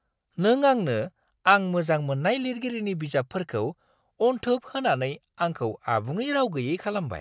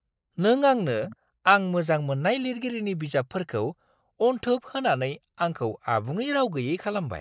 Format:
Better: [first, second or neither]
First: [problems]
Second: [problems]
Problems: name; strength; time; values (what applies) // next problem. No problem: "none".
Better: first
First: none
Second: noise reduction (neural mask model Resemble Enhance denoiser)